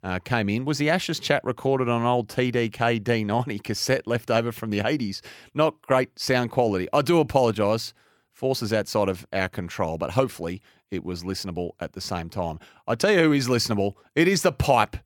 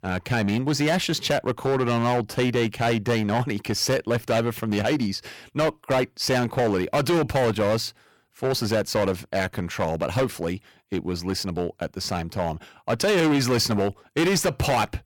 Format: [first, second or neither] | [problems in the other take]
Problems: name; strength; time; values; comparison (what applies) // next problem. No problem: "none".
first | distortion; heavy; 13% of the sound clipped